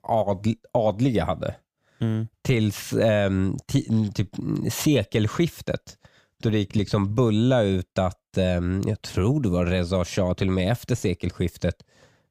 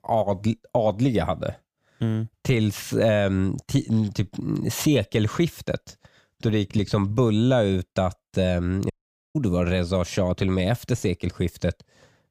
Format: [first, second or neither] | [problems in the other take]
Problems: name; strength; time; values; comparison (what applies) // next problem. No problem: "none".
first | audio cutting out; at 9 s